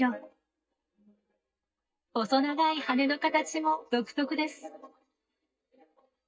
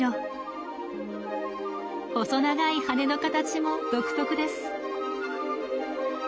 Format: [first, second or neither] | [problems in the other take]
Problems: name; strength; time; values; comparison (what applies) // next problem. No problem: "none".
second | noise reduction (neural mask model DeepFilterNet 3)